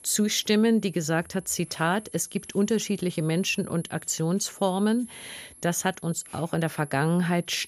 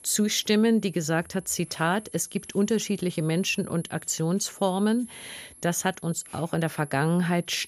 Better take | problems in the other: neither | high-pitched whine; noticeable; throughout; 11 kHz, 20 dB below the speech; the same in both

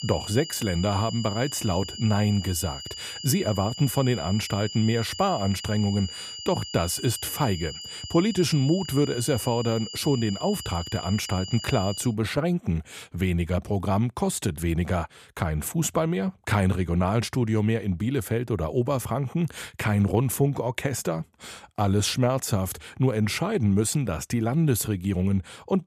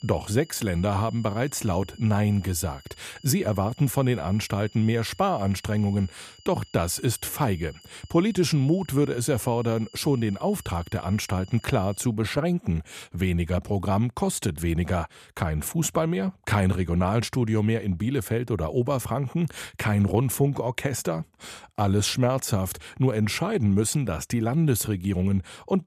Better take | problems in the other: second | high-pitched whine; loud; until 12 s; 3 kHz, 10 dB below the speech; faint in the second

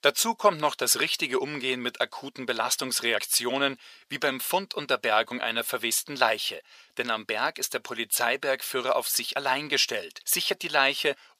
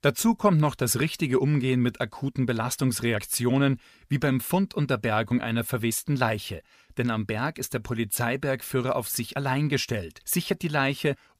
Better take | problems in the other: second | thin; very; fading below 600 Hz

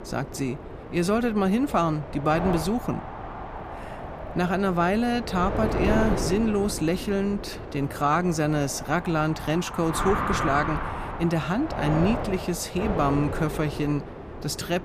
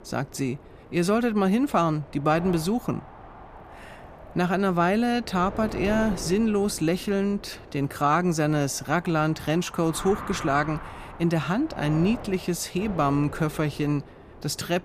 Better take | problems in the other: second | wind noise on the microphone; heavy; 5 dB below the speech; occasional gusts in the second

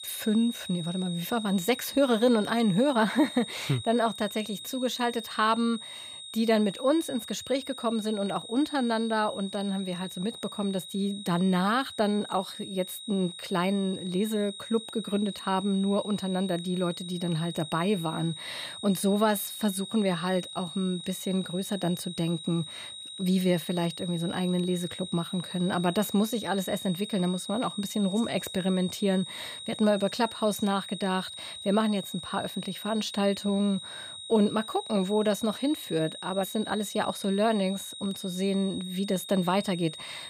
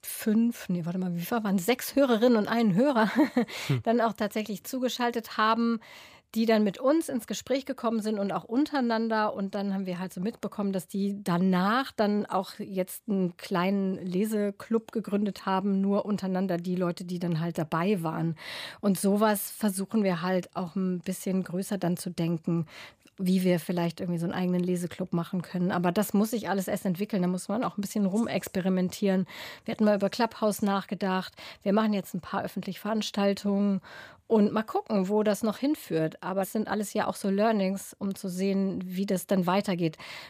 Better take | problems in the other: second | high-pitched whine; noticeable; throughout; 4 kHz, 10 dB below the speech

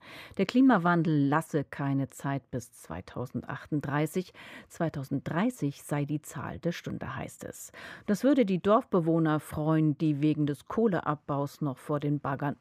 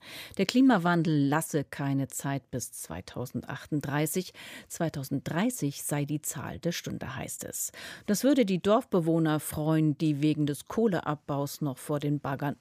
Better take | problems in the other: second | muffled; slightly; fading above 3.5 kHz

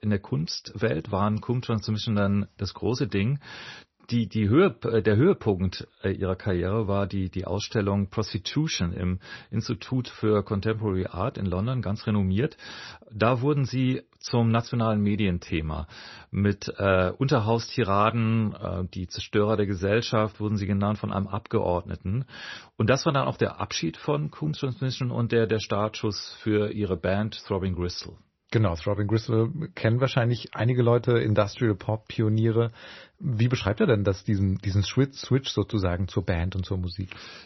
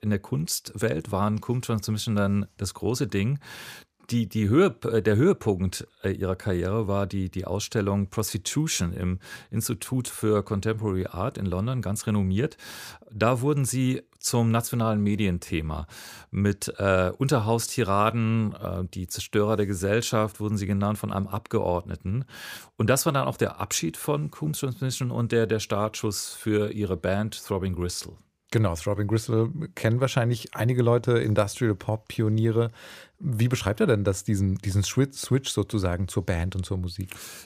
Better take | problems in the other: second | garbled, watery; slightly; nothing above 6 kHz

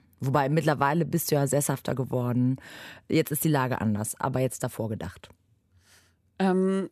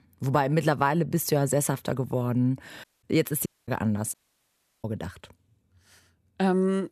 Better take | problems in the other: first | audio cutting out; at 3 s, at 3.5 s and at 4 s for 0.5 s

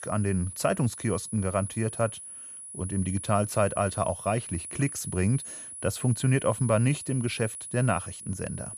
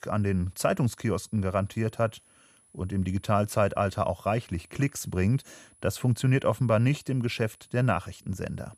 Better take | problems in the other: second | high-pitched whine; loud; throughout; 10.5 kHz, 9 dB below the speech; faint in the second

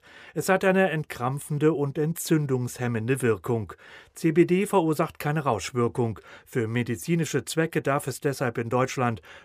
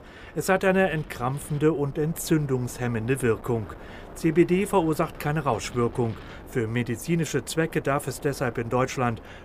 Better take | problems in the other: first | wind noise on the microphone; occasional gusts; 20 dB below the speech

